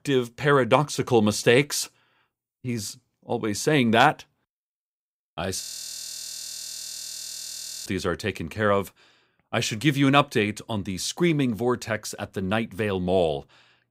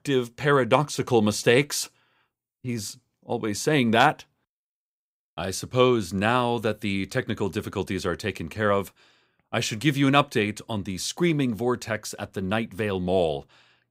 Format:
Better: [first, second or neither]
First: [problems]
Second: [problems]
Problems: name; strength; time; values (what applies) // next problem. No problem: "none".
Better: second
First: audio freezing; at 5.5 s for 2.5 s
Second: none